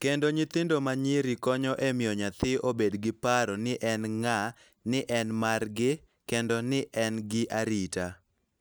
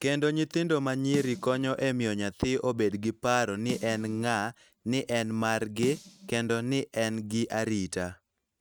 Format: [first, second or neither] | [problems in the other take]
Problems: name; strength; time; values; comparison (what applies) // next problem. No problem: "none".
first | noise reduction (neural mask model RNNoise)